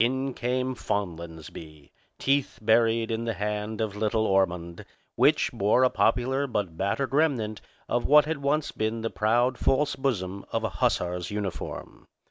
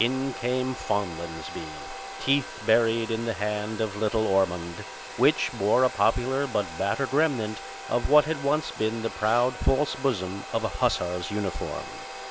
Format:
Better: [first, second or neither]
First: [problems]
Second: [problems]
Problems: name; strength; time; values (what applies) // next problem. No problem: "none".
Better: first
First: none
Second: background sound (Domestic sounds, home sounds); 12 dB below the speech